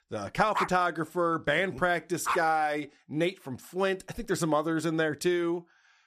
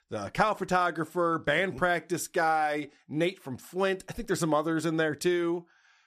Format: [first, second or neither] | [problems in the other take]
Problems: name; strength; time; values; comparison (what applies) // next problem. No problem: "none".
second | dog barking; noticeable; from 0.5 to 2.5 s; peak 3 dB below the speech